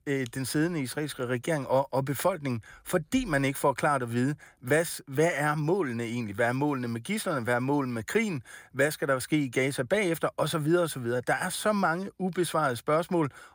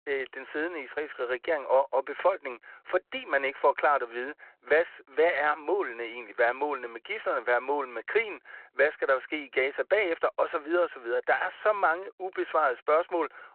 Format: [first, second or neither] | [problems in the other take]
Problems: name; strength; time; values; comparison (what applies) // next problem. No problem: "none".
first | phone-call audio; nothing above 4 kHz